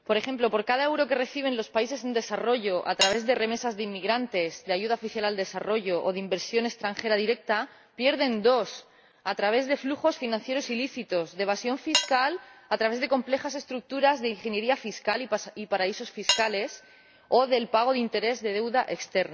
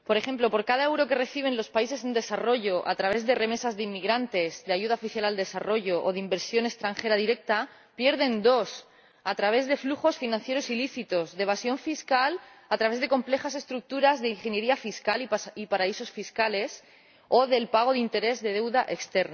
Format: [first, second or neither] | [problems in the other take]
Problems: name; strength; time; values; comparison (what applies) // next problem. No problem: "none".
second | background sound (Cutlery, silverware / Dishes, pots, and pans); 8 dB below the speech